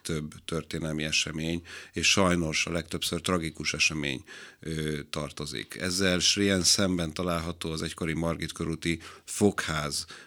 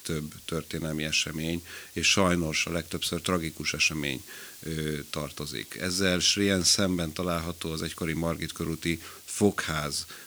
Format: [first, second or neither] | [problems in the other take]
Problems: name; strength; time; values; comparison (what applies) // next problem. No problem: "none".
first | hiss; noticeable; throughout; 20 dB below the speech